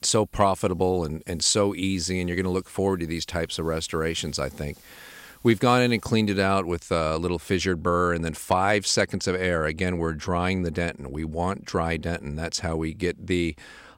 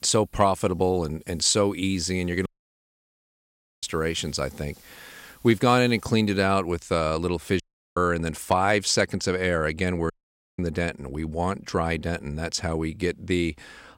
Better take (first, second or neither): first